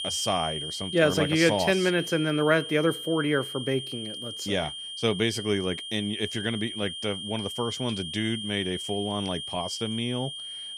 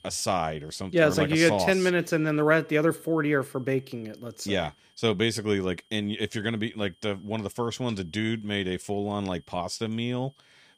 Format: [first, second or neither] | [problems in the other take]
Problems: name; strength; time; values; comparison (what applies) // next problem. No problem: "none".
second | high-pitched whine; loud; throughout; 3 kHz, 6 dB below the speech; faint in the second